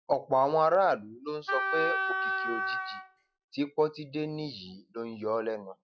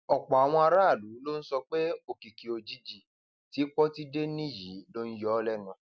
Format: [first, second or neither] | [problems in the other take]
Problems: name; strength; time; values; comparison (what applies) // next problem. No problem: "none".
second | noise reduction (classical method log-MMSE)